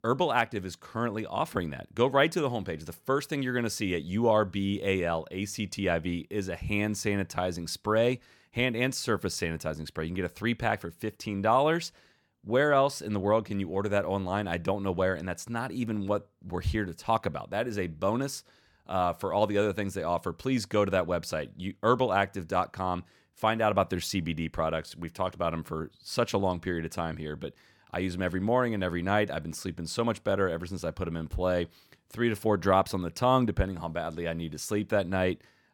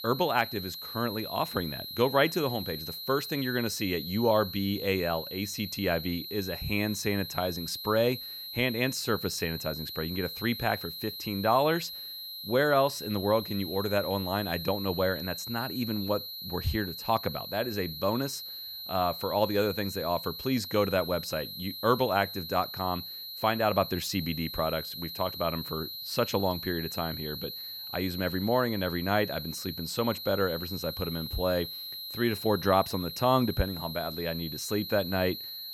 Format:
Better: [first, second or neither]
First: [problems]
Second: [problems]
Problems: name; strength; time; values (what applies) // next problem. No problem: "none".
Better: first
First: none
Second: high-pitched whine; loud; throughout; 4 kHz, 7 dB below the speech